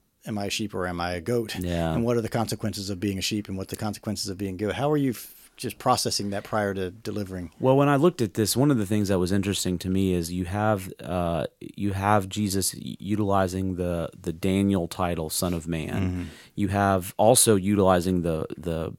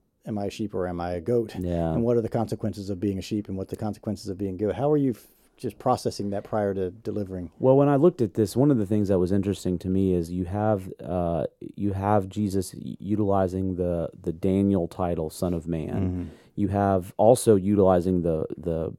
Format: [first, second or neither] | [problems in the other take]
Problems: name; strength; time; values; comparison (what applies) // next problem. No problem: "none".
first | muffled; slightly; fading above 1 kHz